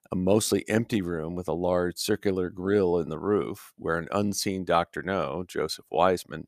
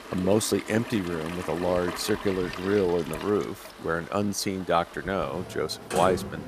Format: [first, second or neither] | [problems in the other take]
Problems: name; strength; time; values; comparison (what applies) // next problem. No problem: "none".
first | household noises; noticeable; throughout; 10 dB below the speech